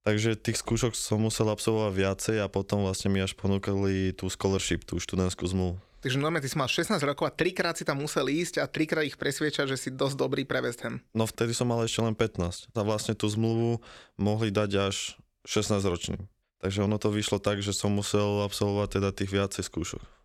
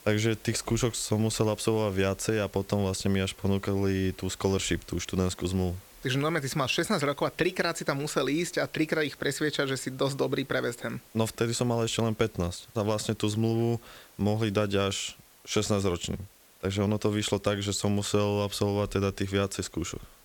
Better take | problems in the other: first | hiss; faint; throughout; 25 dB below the speech

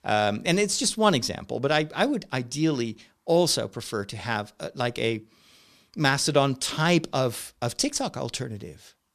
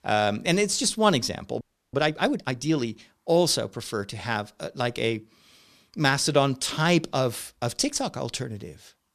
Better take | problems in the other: first | audio freezing; at 1.5 s

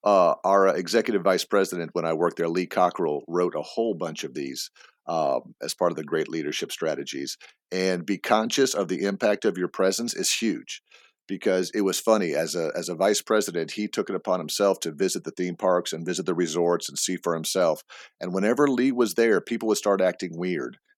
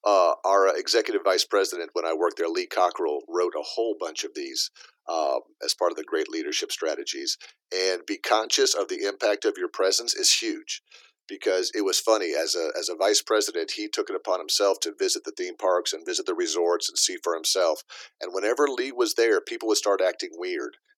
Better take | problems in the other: first | thin; very; fading below 300 Hz

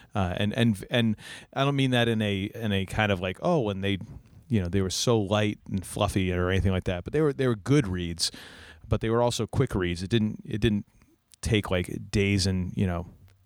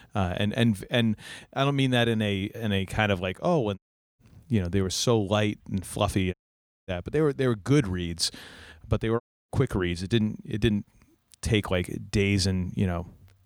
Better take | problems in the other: first | audio cutting out; at 4 s, at 6.5 s for 0.5 s and at 9 s

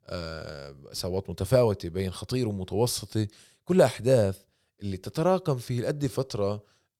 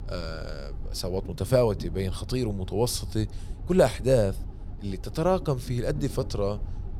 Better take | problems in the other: first | low rumble; faint; throughout; 20 dB below the speech

